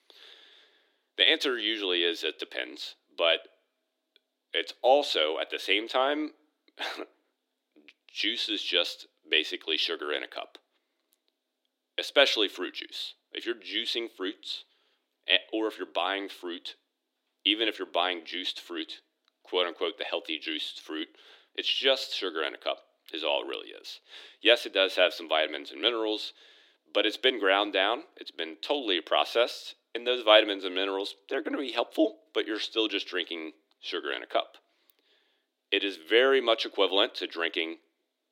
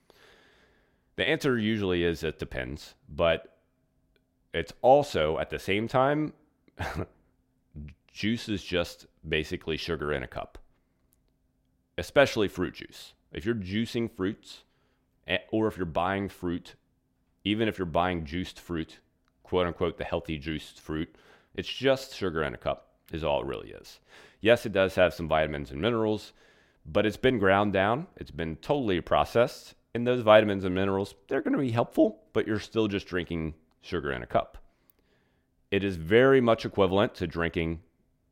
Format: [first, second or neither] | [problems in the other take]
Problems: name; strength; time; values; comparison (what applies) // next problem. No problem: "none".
second | thin; somewhat; fading below 300 Hz